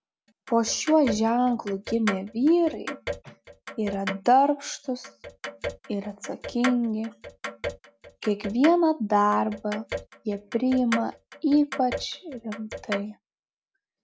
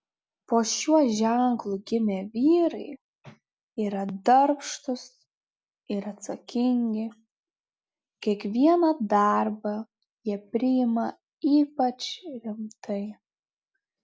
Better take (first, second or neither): second